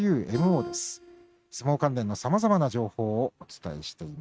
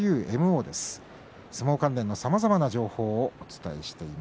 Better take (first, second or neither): second